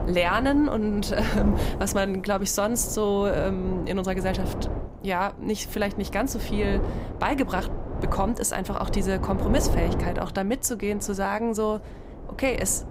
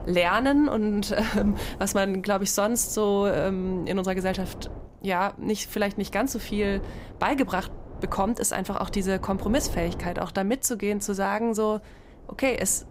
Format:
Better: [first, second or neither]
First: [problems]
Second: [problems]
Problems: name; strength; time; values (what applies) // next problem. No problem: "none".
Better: second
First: wind noise on the microphone; heavy; 10 dB below the speech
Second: wind noise on the microphone; occasional gusts; 20 dB below the speech